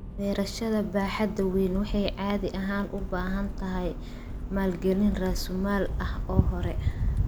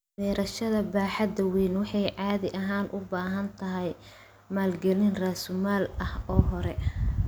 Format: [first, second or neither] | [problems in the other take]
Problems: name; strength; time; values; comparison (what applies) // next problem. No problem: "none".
second | background sound (Accelerating, revving, vroom); 6 dB below the speech